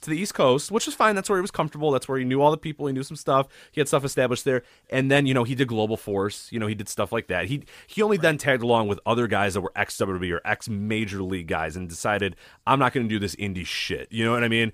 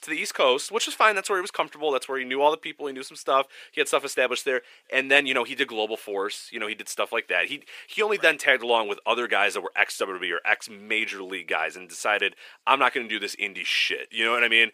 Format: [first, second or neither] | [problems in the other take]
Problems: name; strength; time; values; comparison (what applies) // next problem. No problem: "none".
first | thin; somewhat; fading below 350 Hz